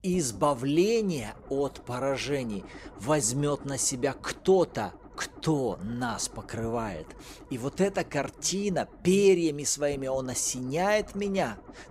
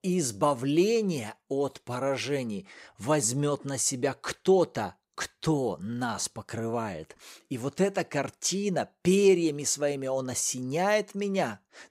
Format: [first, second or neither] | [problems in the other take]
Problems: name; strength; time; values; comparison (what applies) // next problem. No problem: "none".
second | low rumble; faint; throughout; 20 dB below the speech